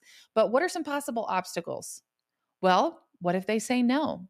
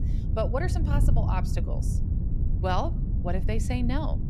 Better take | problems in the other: first | wind noise on the microphone; heavy; 9 dB below the speech

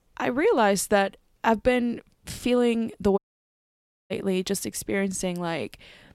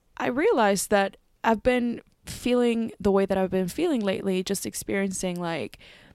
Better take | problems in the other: second | audio cutting out; at 3 s for 1 s

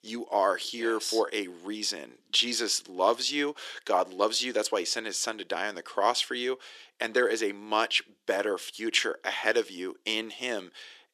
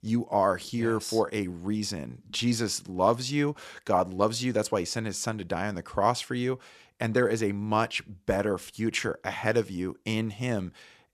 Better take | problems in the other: second | thin; somewhat; fading below 350 Hz

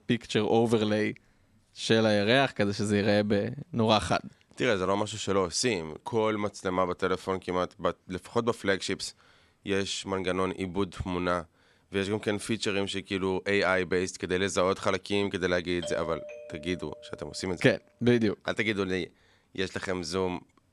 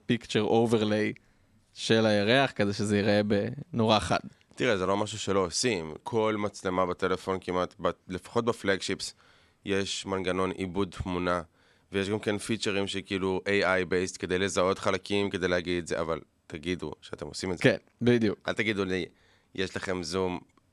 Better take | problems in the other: second | doorbell; noticeable; from 16 to 17 s; peak 9 dB below the speech

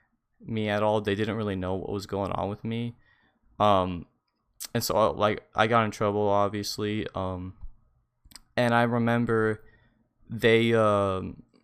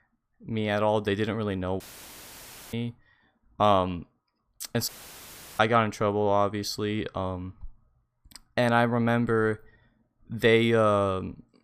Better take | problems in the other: first | audio cutting out; filled with static; at 2 s for 1 s and at 5 s for 0.5 s

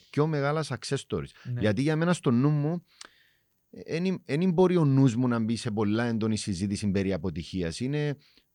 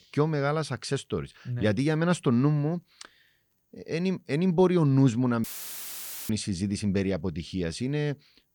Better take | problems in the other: first | audio cutting out; filled with static; at 5.5 s for 1 s

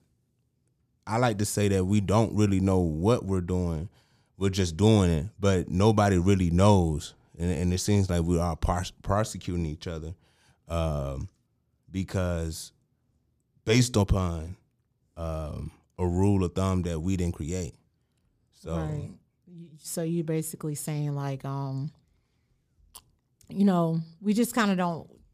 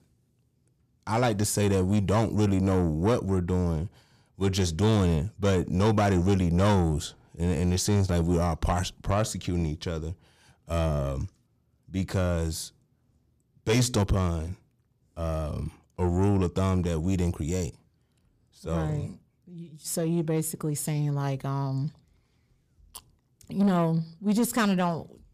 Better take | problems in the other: first | distortion; slight; 10 dB below the speech

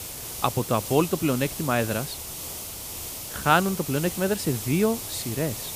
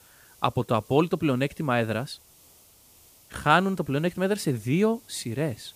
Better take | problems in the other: second | hiss; loud; throughout; 7 dB below the speech; faint in the second

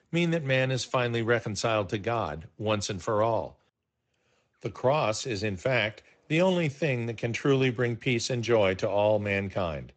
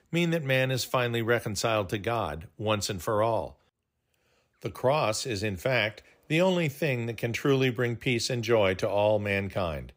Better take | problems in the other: second | garbled, watery; slightly; nothing above 8 kHz

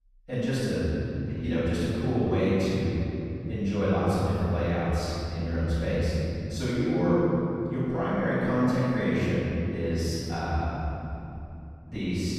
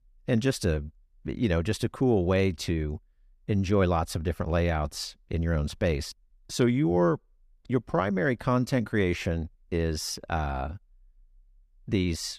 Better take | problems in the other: second | off-mic speech; far // room echo; strong; dies away in 3 s

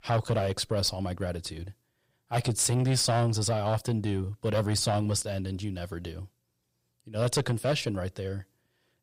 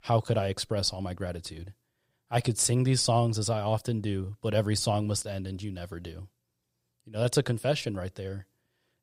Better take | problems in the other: second | distortion; slight; 10 dB below the speech

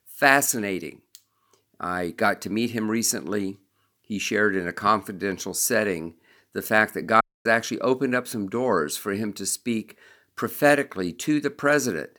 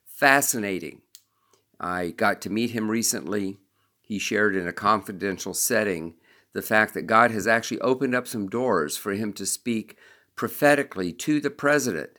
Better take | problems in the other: second | audio cutting out; at 7 s

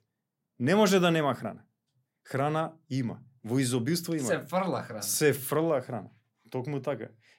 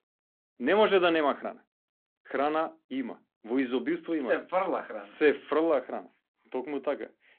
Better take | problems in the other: first | phone-call audio

